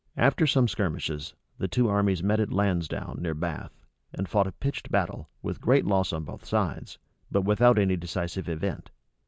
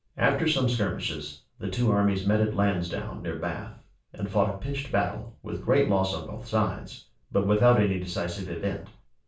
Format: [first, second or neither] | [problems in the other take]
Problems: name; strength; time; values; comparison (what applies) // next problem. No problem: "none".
first | room echo; dies away in 0.3 s